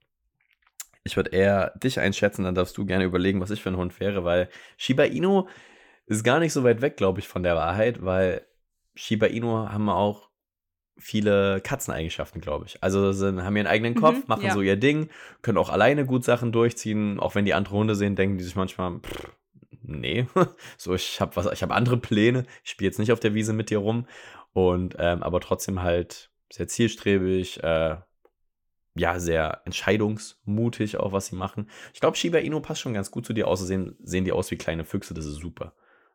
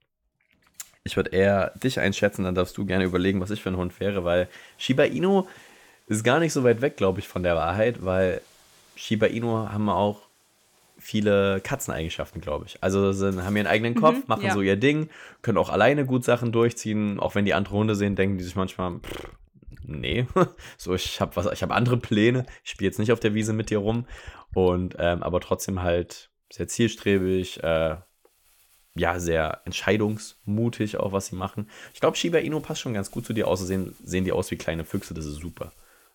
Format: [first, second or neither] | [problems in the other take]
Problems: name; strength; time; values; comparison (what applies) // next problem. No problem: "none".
first | household noises; faint; throughout; 30 dB below the speech